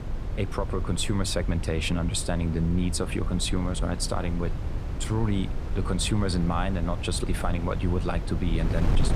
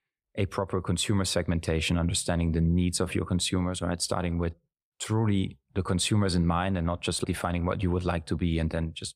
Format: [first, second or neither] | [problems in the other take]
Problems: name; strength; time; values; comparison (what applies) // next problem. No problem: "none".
second | wind noise on the microphone; occasional gusts; 10 dB below the speech